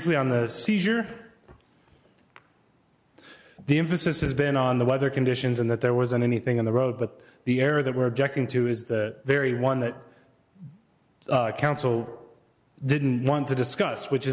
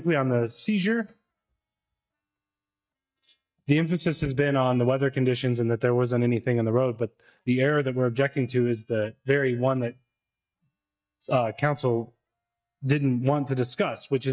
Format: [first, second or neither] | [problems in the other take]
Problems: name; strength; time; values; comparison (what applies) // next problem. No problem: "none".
first | noise reduction (neural mask model DeepFilterNet 3)